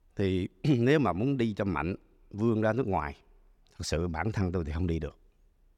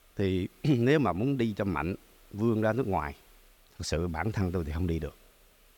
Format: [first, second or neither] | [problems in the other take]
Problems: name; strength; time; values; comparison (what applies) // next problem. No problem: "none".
first | hiss; faint; throughout; 30 dB below the speech